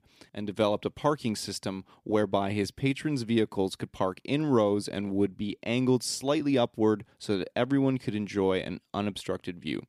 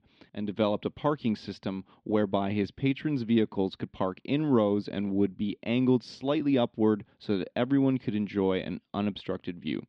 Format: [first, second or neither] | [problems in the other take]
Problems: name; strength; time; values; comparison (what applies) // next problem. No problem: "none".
first | muffled; slightly; fading above 3.5 kHz